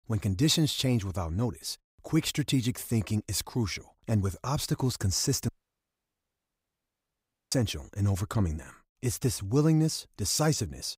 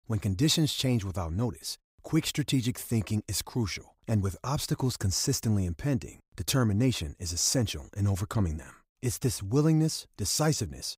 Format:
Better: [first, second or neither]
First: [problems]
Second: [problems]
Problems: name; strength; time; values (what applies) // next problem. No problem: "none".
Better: second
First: audio cutting out; at 5.5 s for 2 s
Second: none